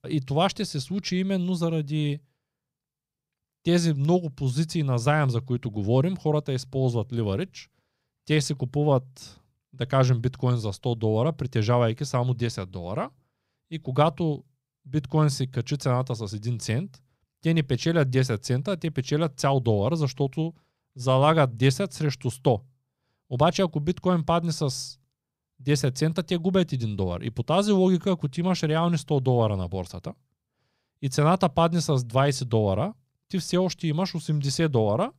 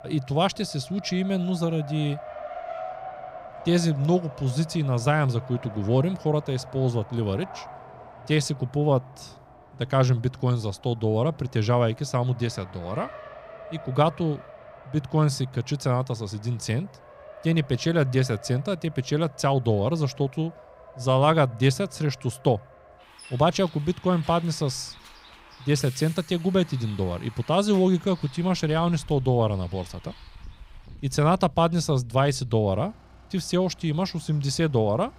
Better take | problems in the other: first | traffic noise; noticeable; throughout; 20 dB below the speech

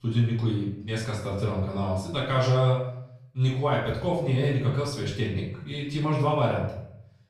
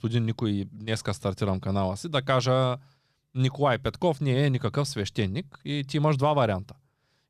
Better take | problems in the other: second | room echo; noticeable; dies away in 0.6 s // off-mic speech; far

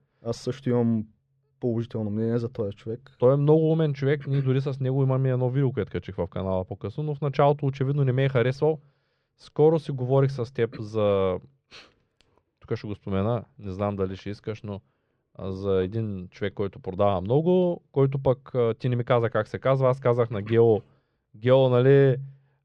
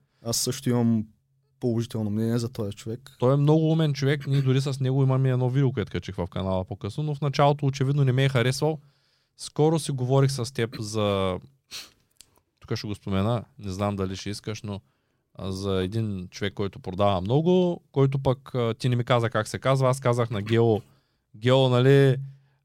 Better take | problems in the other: second | muffled; very; fading above 2.5 kHz

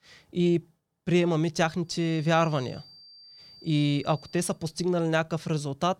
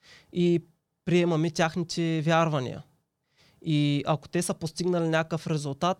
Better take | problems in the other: second | high-pitched whine; faint; from 2 to 4.5 s; 4.5 kHz, 20 dB below the speech

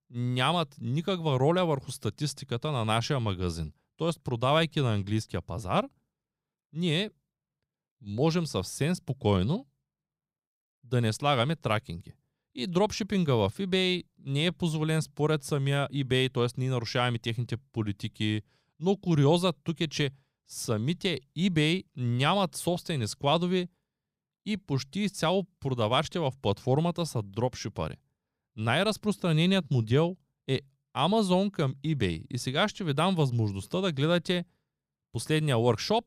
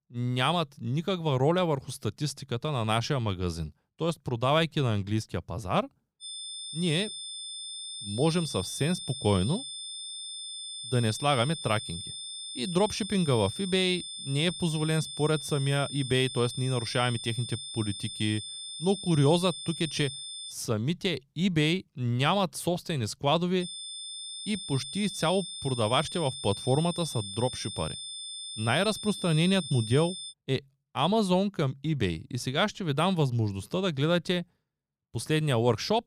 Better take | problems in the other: first | high-pitched whine; loud; from 6 to 21 s and from 24 to 30 s; 3.5 kHz, 8 dB below the speech

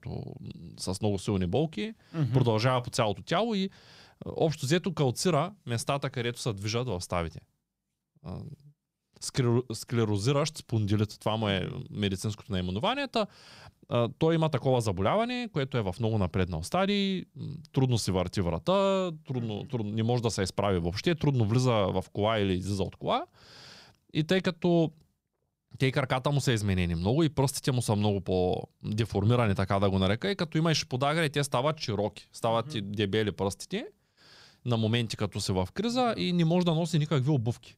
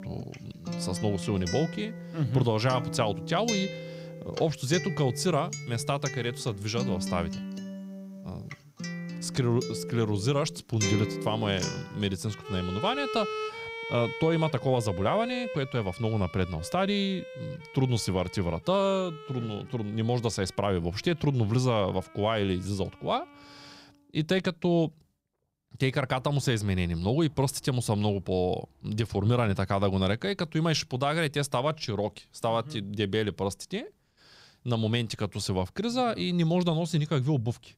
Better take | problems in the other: first | background music; loud; throughout; 9 dB below the speech

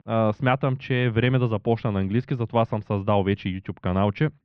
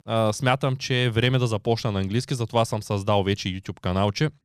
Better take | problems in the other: second | muffled; very; fading above 2.5 kHz

